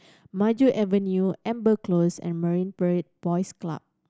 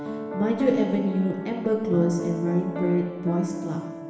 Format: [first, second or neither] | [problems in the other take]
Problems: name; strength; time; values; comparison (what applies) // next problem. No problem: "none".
first | background sound (Piano); 8 dB below the speech // room echo; dies away in 1.3 s